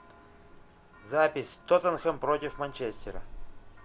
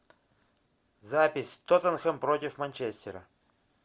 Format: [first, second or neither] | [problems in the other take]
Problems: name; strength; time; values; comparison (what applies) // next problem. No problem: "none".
second | background sound (Church bell); 13 dB below the speech